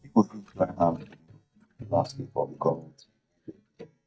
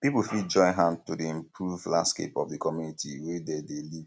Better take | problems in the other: second | noise reduction (neural mask model DeepFilterNet 3)

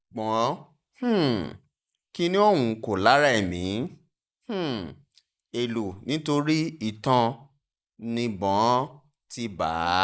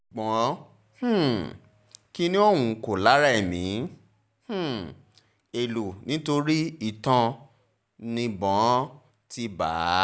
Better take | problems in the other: second | noise reduction (neural mask model Resemble Enhance denoiser)

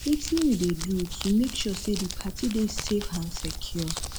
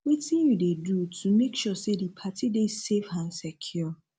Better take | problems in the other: second | background sound (Crumpling, crinkling); 6 dB below the speech

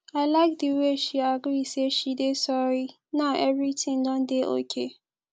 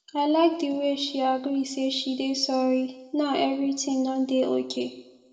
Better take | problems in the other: first | room echo; dies away in 0.9 s

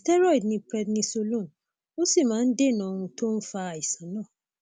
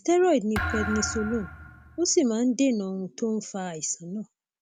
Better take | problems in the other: first | background sound (Thump, thud); 9 dB below the speech

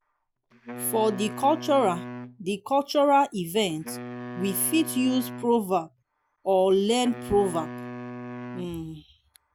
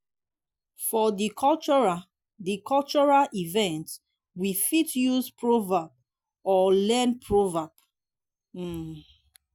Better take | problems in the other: second | background sound (Wind instrument, woodwind instrument); 13 dB below the speech

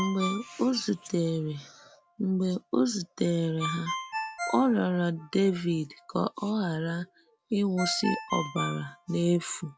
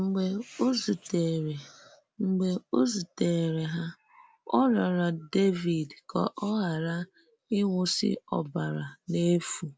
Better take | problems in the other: second | background sound (Ringtone); 11 dB below the speech

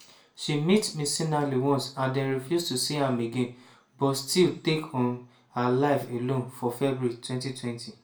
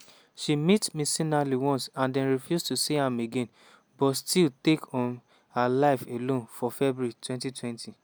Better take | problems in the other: second | room echo; dies away in 0.3 s

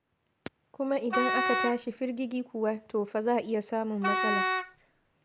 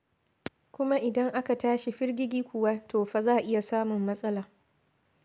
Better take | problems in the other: second | background sound (Wind instrument, woodwind instrument); 1 dB above the speech

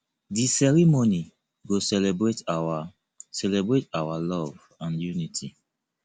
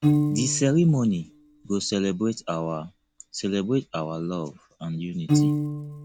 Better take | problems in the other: first | background sound (Piano); 2 dB below the speech

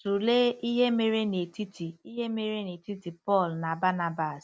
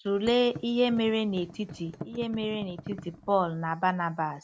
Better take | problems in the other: first | background sound (Thump, thud); 16 dB below the speech

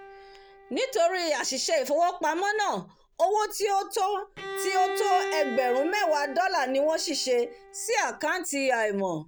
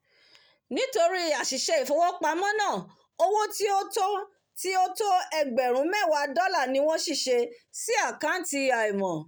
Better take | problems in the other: second | background sound (Bowed string instrument); 12 dB below the speech

